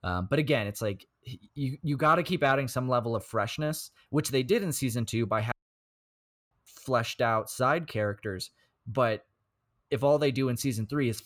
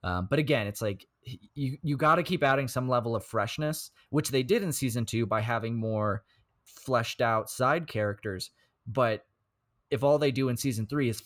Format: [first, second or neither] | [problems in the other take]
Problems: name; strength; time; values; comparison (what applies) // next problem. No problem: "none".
second | audio cutting out; at 5.5 s for 1 s